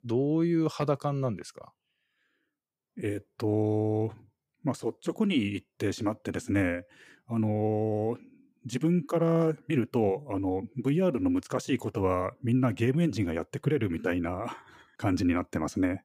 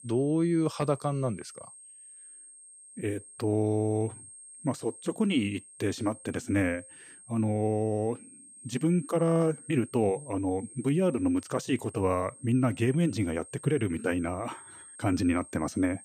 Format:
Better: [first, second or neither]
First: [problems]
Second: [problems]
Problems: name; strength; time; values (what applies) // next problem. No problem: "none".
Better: first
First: none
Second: high-pitched whine; noticeable; throughout; 8.5 kHz, 20 dB below the speech